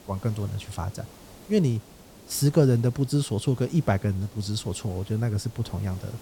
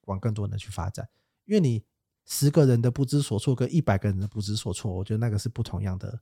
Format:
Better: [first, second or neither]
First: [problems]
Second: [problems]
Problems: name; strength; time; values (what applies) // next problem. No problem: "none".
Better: second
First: hiss; faint; throughout; 20 dB below the speech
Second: none